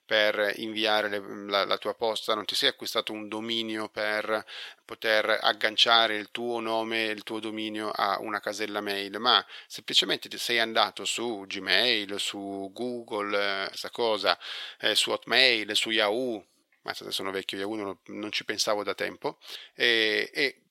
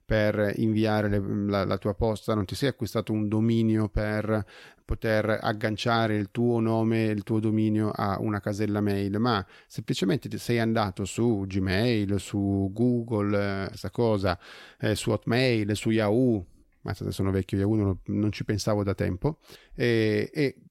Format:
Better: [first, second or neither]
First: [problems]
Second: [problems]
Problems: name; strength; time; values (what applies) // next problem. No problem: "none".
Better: second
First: thin; very; fading below 600 Hz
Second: none